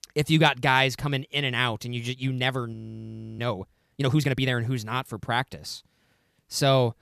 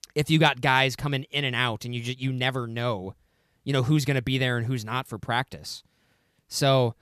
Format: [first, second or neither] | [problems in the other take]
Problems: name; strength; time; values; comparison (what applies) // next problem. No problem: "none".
second | audio freezing; at 2.5 s for 0.5 s